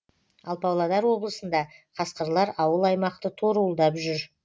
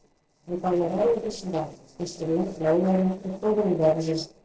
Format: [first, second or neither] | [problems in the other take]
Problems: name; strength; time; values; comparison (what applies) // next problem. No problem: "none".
first | noise reduction (neural separator model SepFormer DNS4)